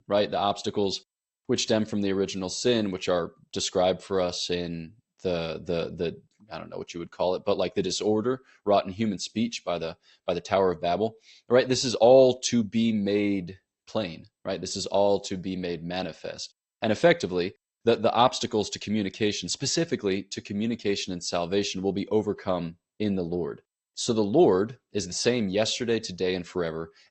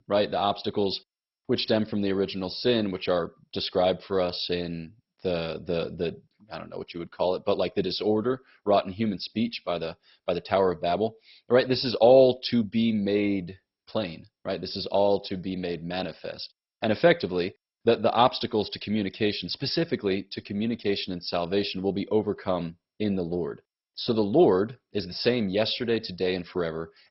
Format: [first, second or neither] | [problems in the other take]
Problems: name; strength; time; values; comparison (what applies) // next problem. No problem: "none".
first | garbled, watery; badly; nothing above 5.5 kHz; slightly in the first